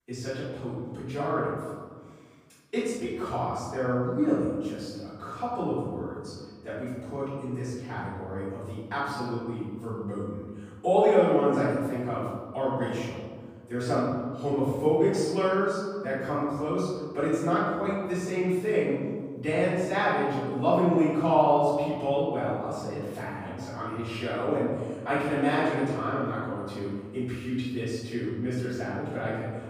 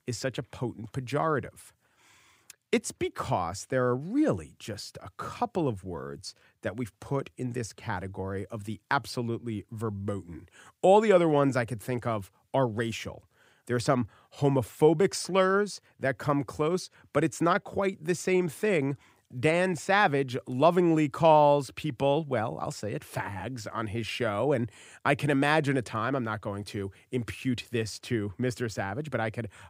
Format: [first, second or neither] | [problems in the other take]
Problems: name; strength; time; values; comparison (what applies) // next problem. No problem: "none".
second | room echo; strong; dies away in 1.6 s // off-mic speech; far